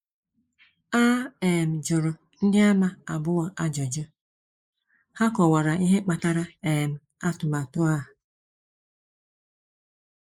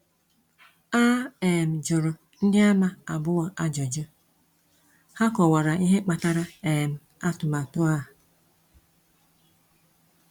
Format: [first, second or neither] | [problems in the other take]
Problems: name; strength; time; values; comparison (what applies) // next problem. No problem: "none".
second | noise reduction (neural mask model Resemble Enhance denoiser)